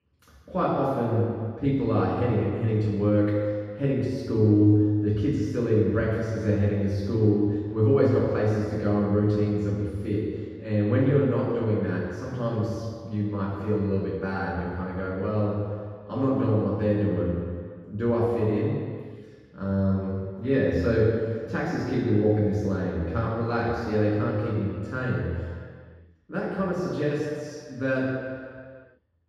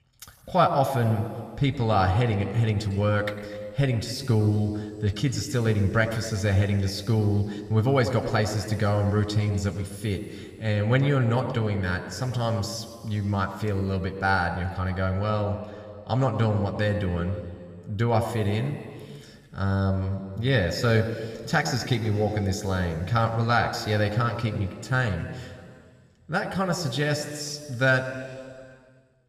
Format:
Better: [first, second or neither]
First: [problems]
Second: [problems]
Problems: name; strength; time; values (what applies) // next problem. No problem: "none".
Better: second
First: room echo; strong; dies away in 1.8 s // off-mic speech; far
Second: room echo; slight; dies away in 2.4 s